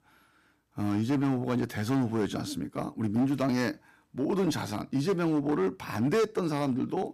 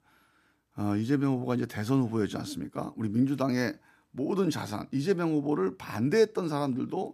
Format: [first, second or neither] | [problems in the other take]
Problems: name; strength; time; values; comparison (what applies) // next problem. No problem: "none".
second | distortion; slight; 8% of the sound clipped